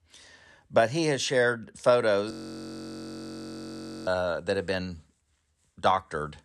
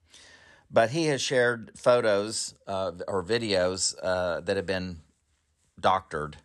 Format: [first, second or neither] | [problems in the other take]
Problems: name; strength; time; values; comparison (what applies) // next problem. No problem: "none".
second | audio freezing; at 2.5 s for 2 s